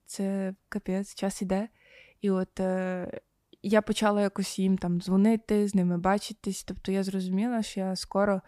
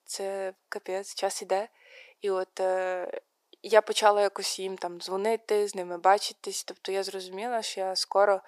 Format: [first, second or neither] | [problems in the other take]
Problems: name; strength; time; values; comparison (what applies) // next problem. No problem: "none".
first | thin; very; fading below 400 Hz